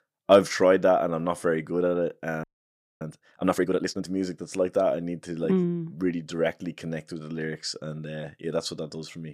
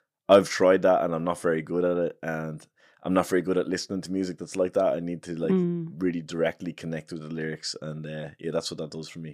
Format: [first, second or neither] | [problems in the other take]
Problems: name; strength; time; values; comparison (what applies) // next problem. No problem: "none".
second | audio freezing; at 2.5 s for 0.5 s